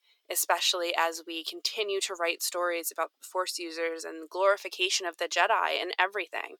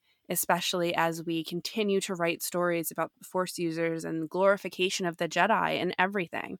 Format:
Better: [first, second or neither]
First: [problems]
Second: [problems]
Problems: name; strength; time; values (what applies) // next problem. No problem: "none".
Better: second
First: thin; very; fading below 400 Hz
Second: none